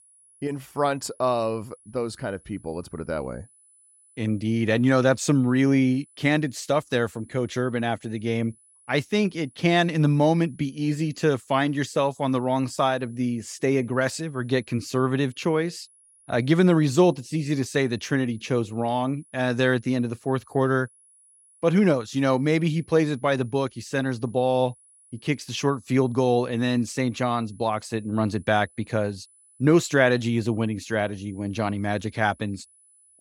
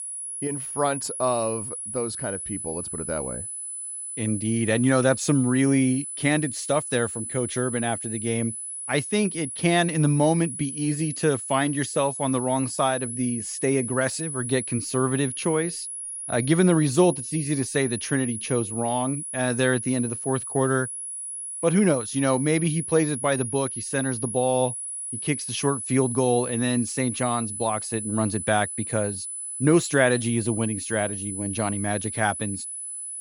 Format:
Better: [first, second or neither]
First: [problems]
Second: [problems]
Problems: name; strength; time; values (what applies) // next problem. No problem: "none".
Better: first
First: high-pitched whine; faint; throughout; 10 kHz, 30 dB below the speech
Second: high-pitched whine; loud; throughout; 10 kHz, 6 dB below the speech